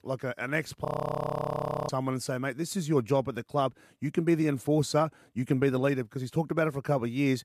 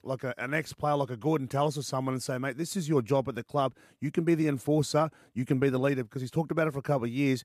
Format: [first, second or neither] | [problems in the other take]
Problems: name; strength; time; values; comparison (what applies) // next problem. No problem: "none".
second | audio freezing; at 1 s for 1 s